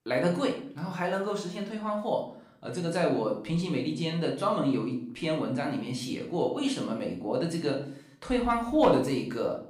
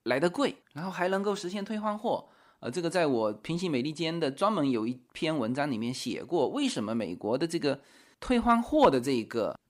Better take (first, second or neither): second